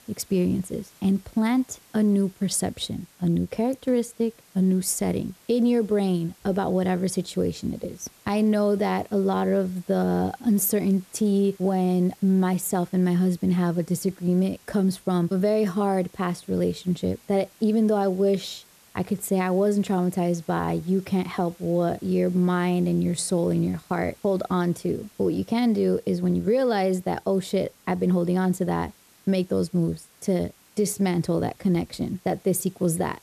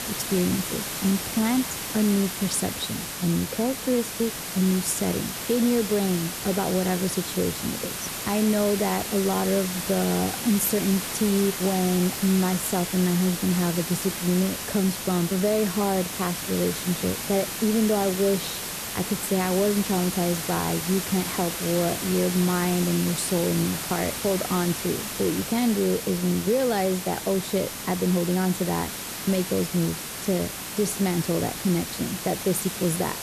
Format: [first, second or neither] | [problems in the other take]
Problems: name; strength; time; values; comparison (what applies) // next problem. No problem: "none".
first | hiss; loud; throughout; 5 dB below the speech; faint in the first